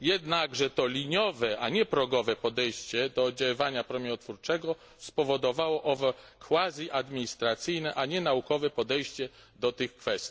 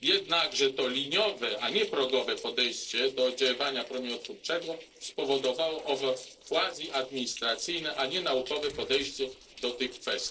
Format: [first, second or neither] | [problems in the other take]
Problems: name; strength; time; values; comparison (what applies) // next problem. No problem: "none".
first | noise reduction (neural separator model SepFormer DNS4)